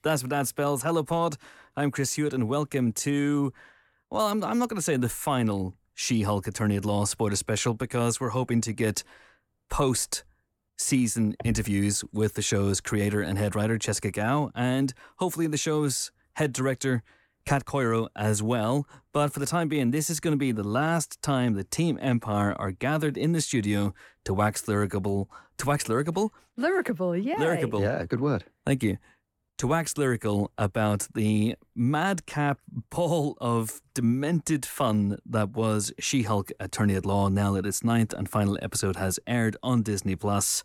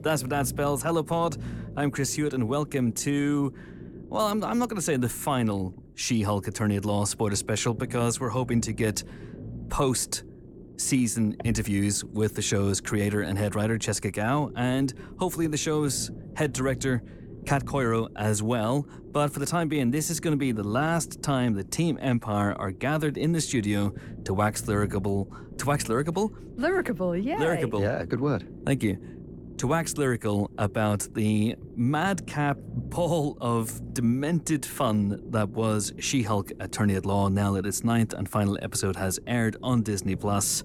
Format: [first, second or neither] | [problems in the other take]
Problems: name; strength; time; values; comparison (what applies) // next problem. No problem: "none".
first | low rumble; faint; throughout; 20 dB below the speech